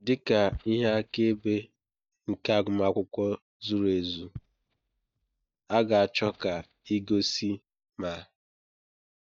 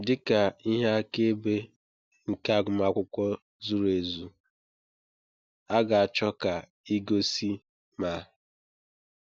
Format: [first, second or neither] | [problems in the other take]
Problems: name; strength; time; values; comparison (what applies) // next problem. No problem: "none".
second | noise reduction (neural mask model DeepFilterNet 3)